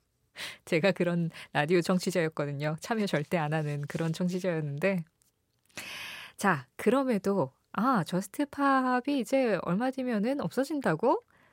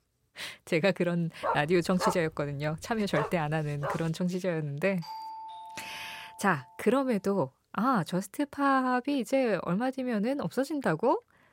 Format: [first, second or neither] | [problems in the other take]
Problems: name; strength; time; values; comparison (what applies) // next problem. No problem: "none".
first | dog barking; noticeable; from 1.5 to 4 s; peak 3 dB below the speech // doorbell; faint; from 5 to 7 s; peak 10 dB below the speech